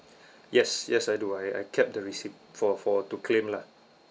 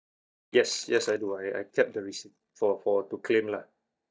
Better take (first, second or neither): first